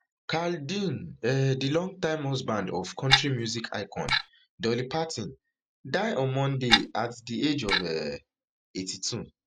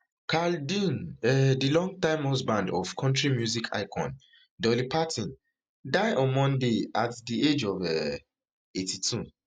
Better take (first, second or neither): second